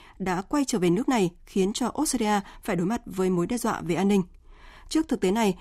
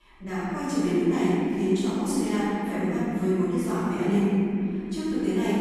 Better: first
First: none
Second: off-mic speech; far // room echo; strong; dies away in 3 s

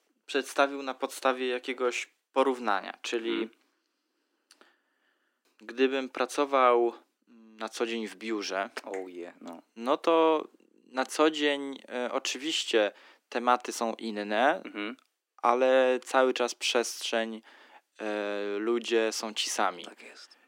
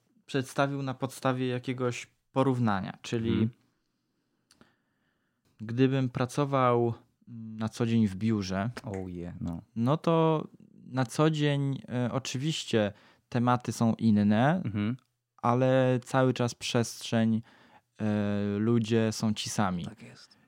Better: second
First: thin; somewhat; fading below 300 Hz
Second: none

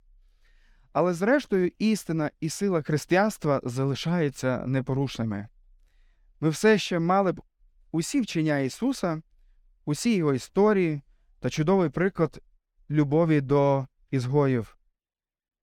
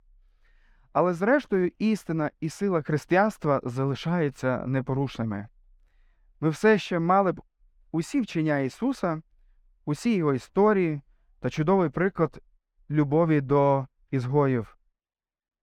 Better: first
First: none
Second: muffled; slightly; fading above 3.5 kHz

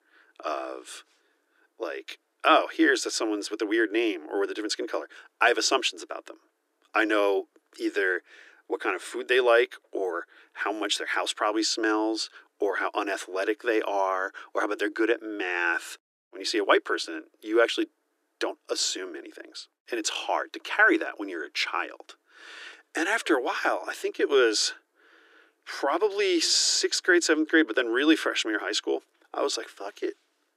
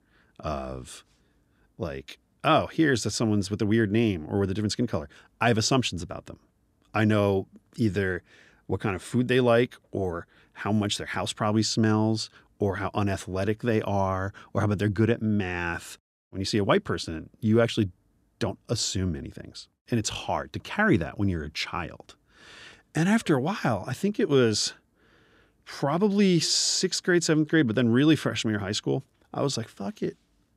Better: second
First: thin; very; fading below 300 Hz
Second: none

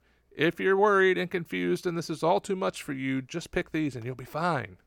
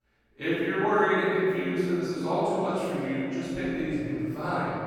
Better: first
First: none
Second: room echo; strong; dies away in 3 s // off-mic speech; far

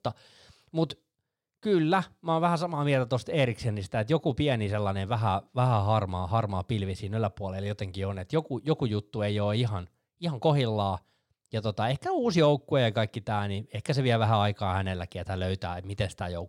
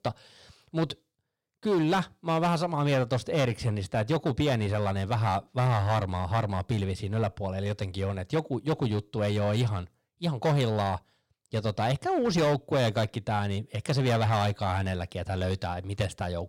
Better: first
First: none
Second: distortion; slight; 9% of the sound clipped

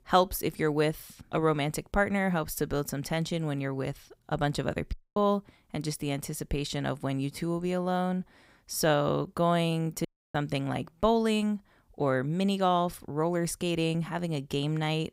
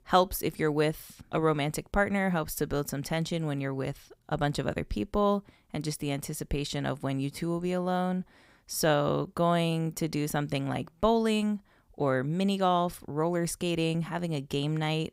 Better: second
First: audio cutting out; at 5 s and at 10 s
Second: none

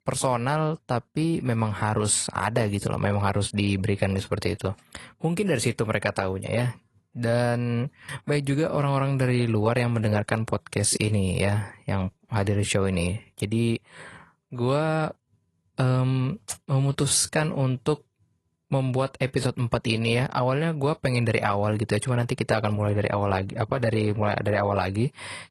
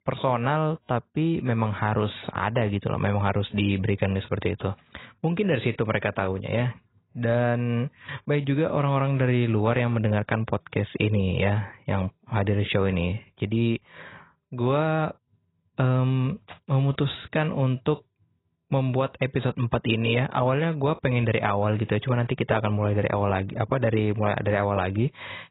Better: first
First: garbled, watery; slightly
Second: garbled, watery; badly; nothing above 4 kHz

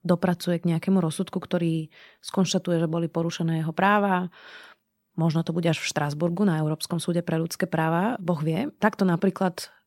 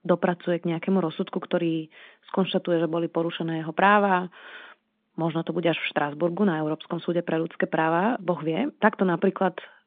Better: first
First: none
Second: phone-call audio

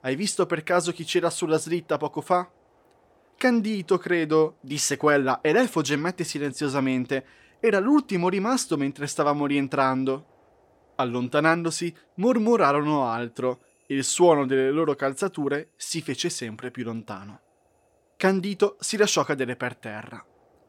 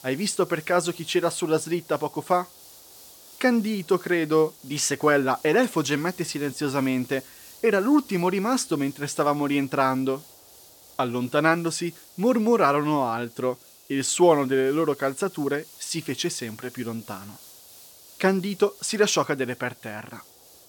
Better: first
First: none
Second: hiss; faint; throughout; 20 dB below the speech

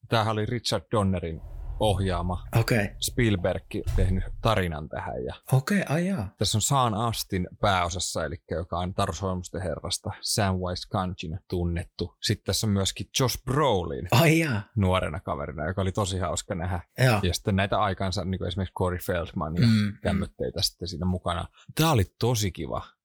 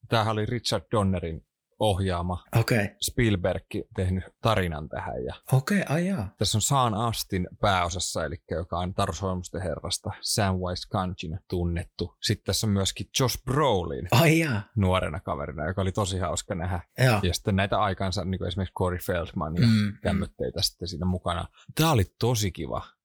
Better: second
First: door banging; noticeable; from 1.5 to 4.5 s; peak 4 dB below the speech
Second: none

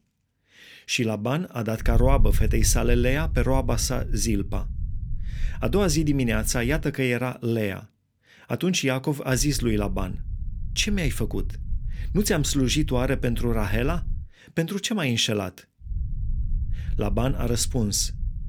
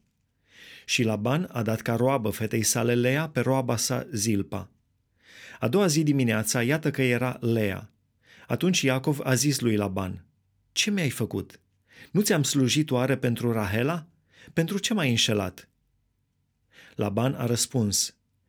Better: second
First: low rumble; faint; from 2 to 7 s, from 9.5 to 14 s and from 16 s on; 20 dB below the speech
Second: none

